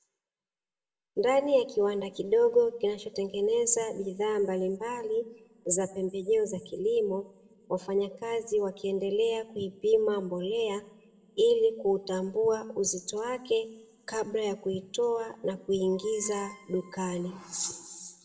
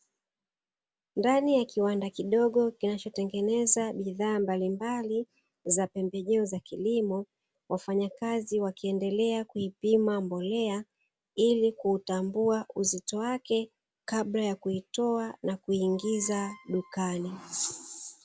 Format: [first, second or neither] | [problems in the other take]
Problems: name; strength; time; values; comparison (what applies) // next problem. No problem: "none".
second | room echo; dies away in 0.8 s